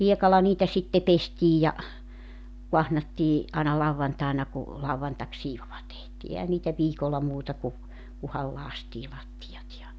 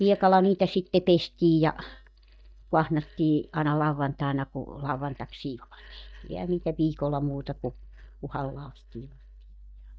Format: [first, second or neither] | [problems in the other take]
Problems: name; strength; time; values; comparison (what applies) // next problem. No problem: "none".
first | noise reduction (neural mask model DeepFilterNet 3)